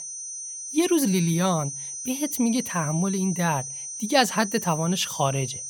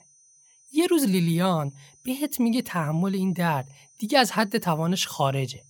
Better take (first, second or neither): second